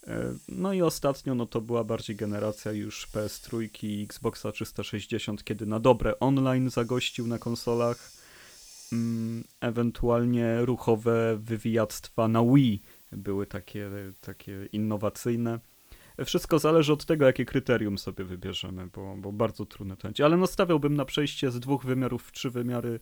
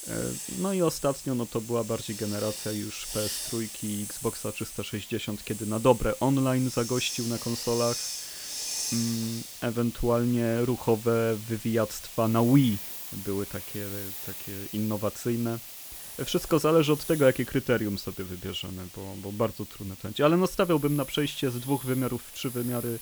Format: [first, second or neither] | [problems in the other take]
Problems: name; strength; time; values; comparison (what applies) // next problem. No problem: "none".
first | hiss; loud; throughout; 8 dB below the speech; faint in the first